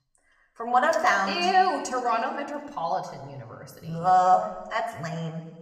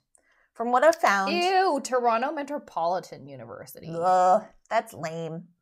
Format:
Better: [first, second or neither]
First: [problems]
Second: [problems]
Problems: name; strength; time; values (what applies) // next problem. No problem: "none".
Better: second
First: room echo; slight; dies away in 1.1 s // off-mic speech; somewhat distant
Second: none